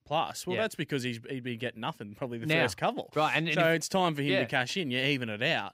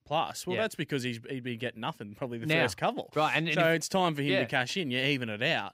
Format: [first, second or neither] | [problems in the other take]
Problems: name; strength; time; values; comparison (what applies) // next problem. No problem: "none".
neither | none